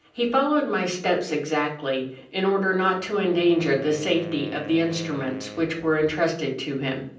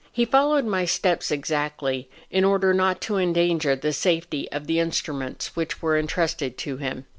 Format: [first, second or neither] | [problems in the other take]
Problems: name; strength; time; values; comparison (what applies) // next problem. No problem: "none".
second | background sound (Wind instrument, woodwind instrument); 19 dB below the speech // room echo; dies away in 0.6 s